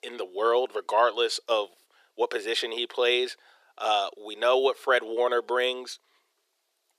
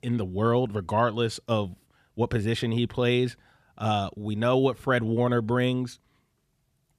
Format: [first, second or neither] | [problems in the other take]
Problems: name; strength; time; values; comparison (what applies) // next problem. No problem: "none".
second | thin; very; fading below 400 Hz